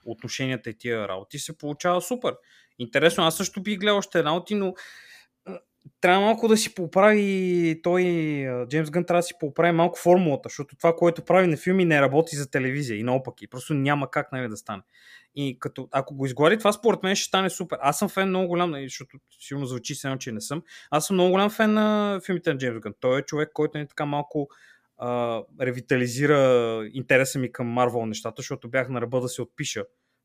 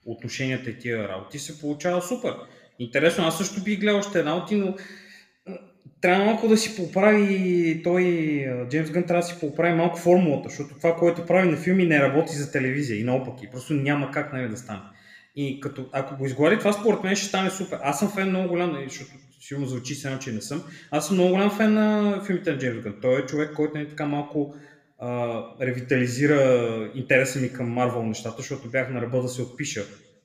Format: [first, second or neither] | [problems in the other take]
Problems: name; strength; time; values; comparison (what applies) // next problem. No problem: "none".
first | room echo; very slight; dies away in 0.7 s